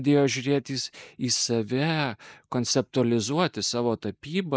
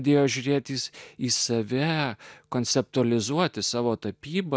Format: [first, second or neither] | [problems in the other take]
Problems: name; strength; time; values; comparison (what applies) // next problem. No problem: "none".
second | noise reduction (neural mask model Resemble Enhance denoiser)